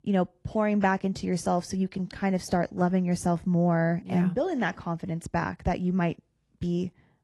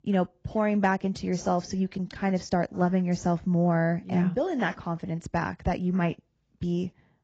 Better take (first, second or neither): first